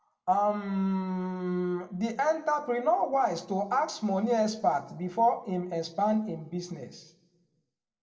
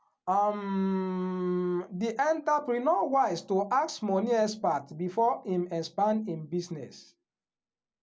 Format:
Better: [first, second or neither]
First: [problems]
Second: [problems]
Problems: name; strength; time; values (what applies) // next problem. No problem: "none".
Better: second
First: room echo; dies away in 0.6 s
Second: none